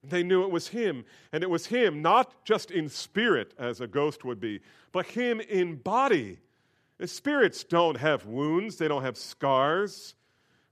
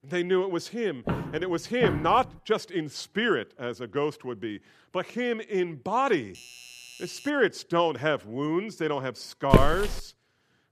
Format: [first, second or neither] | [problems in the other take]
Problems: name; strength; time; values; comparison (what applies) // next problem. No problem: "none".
first | footsteps; noticeable; from 1 to 2.5 s; peak 2 dB below the speech // doorbell; faint; from 6.5 to 7.5 s; peak 15 dB below the speech // footsteps; loud; at 9.5 s; peak 5 dB above the speech